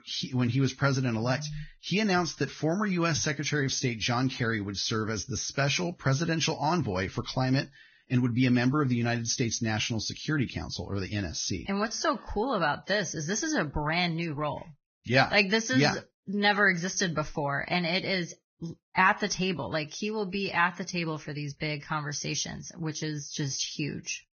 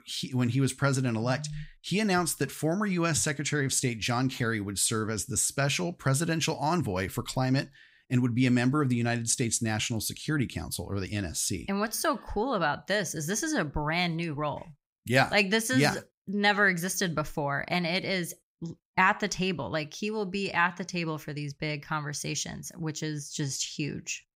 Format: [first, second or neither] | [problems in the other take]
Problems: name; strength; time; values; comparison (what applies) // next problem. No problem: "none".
second | garbled, watery; badly; nothing above 6.5 kHz